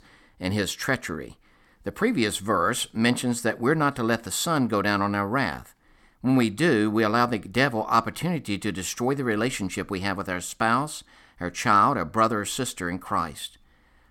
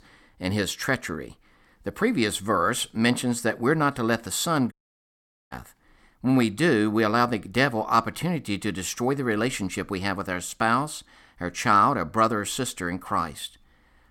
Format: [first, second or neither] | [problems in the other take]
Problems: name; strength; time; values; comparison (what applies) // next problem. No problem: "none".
first | audio cutting out; at 4.5 s for 1 s